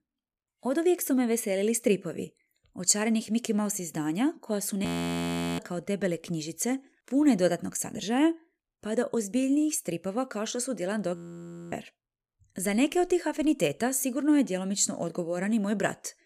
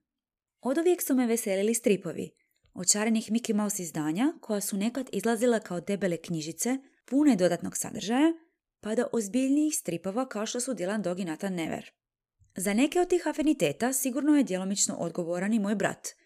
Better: second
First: audio freezing; at 5 s for 0.5 s and at 11 s for 0.5 s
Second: none

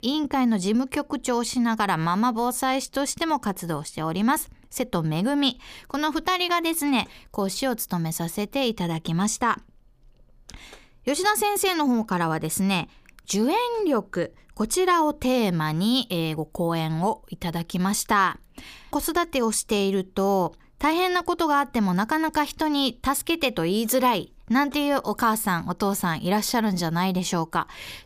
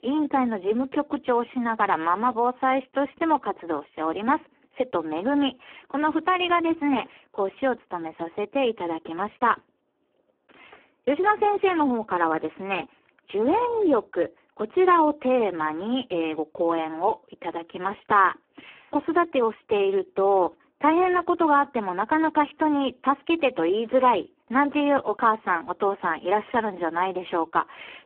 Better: first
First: none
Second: phone-call audio; poor line

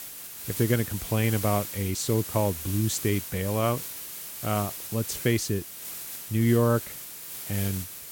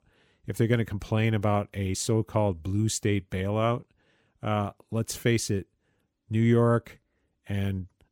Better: second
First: hiss; loud; throughout; 7 dB below the speech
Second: none

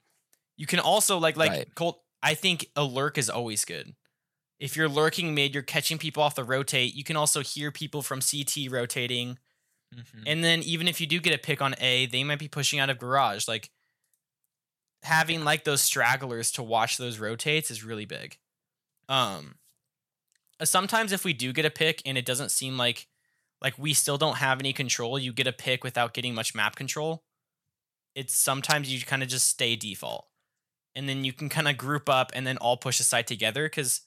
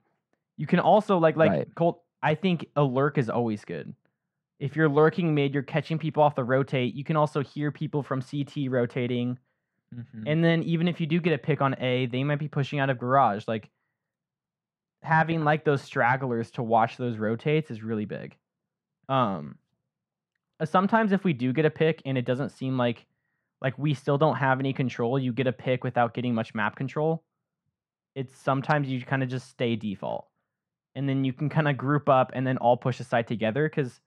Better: first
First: none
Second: muffled; very; fading above 1 kHz

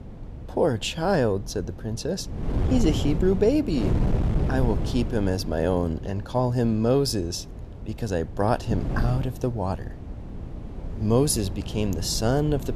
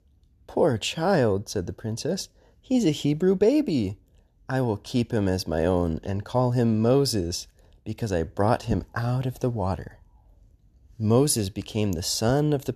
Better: second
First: wind noise on the microphone; occasional gusts; 10 dB below the speech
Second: none

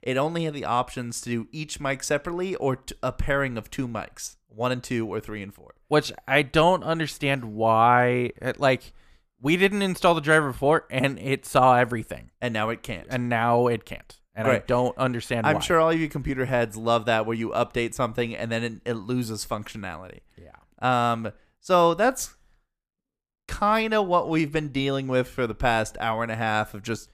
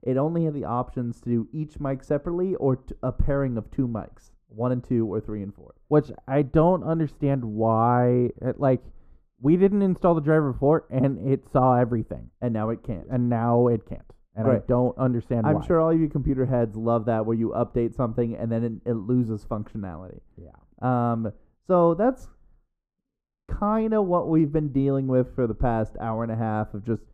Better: first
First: none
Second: muffled; very; fading above 1 kHz

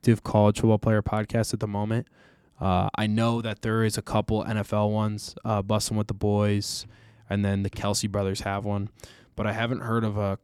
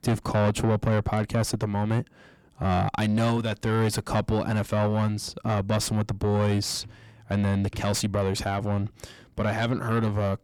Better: first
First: none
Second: distortion; heavy; 7 dB below the speech

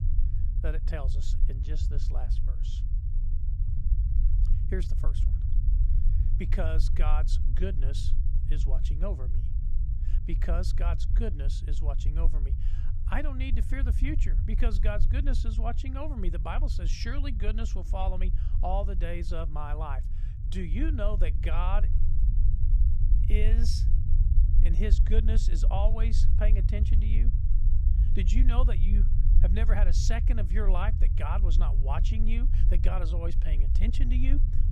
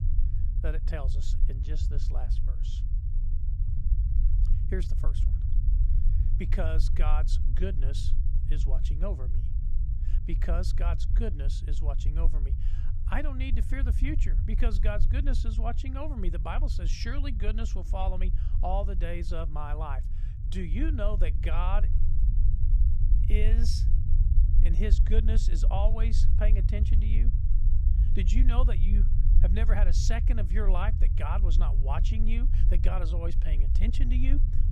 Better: neither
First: low rumble; loud; throughout; 9 dB below the speech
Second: low rumble; loud; throughout; 9 dB below the speech

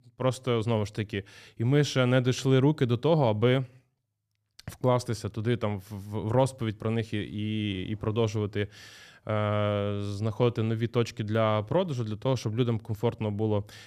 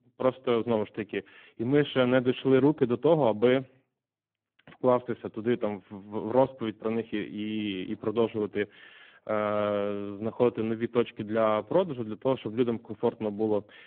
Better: first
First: none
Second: phone-call audio; poor line

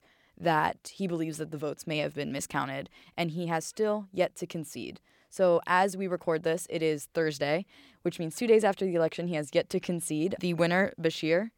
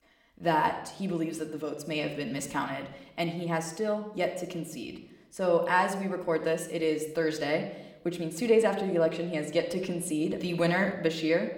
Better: first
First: none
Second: room echo; slight; dies away in 0.7 s // off-mic speech; somewhat distant

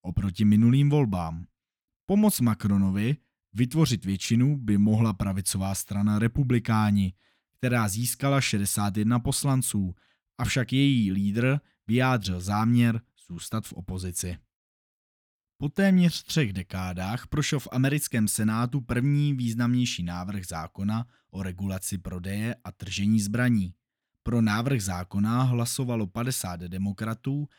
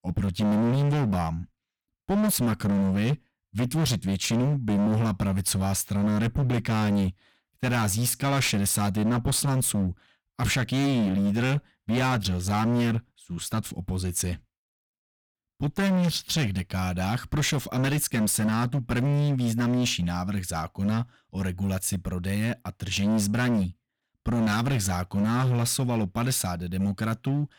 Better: first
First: none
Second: distortion; heavy; 20% of the sound clipped

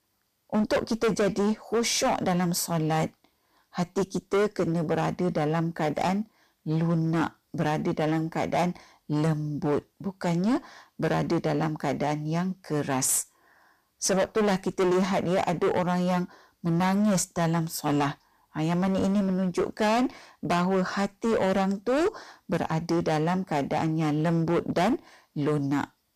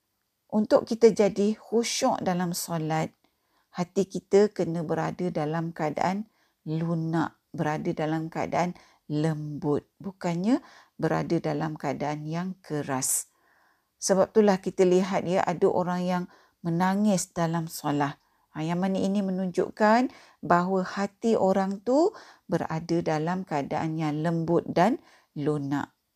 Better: second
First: distortion; heavy; 14% of the sound clipped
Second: none

